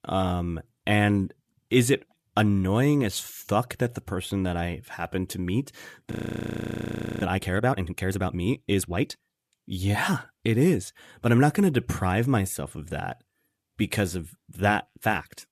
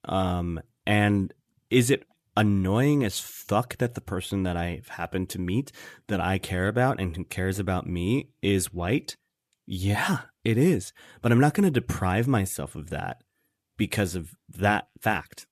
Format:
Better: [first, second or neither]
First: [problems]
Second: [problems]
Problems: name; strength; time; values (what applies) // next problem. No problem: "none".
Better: second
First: audio freezing; at 6 s for 1 s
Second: none